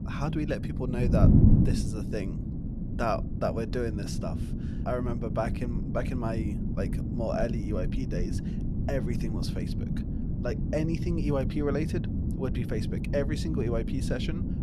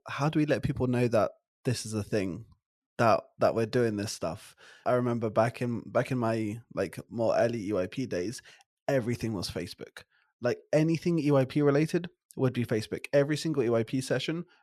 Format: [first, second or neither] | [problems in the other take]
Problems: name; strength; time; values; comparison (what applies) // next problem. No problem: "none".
second | wind noise on the microphone; heavy; 5 dB below the speech